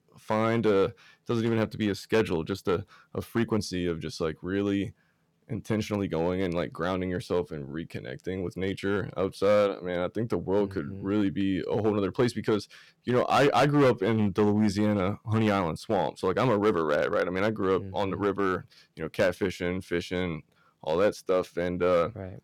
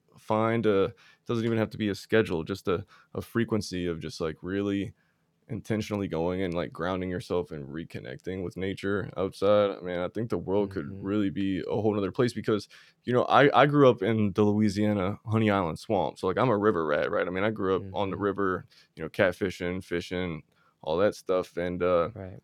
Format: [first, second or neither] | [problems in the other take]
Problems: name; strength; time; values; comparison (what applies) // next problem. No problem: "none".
second | distortion; slight; 3% of the sound clipped